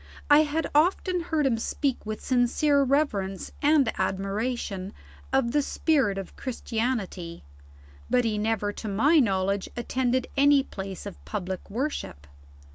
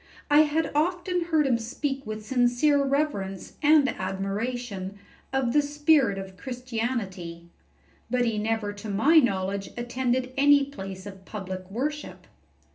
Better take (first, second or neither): first